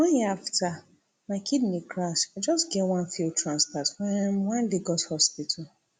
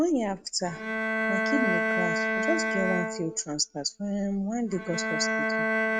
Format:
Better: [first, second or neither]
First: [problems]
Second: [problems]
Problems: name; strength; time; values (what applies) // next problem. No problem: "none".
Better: first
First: none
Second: noise reduction (neural mask model RNNoise)